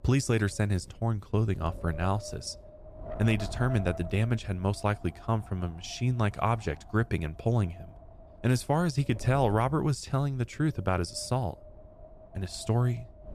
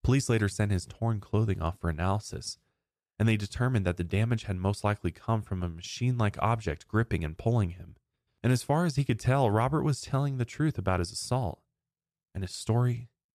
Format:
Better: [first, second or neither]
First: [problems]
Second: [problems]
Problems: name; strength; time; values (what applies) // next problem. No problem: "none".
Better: second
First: wind noise on the microphone; occasional gusts; 15 dB below the speech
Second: none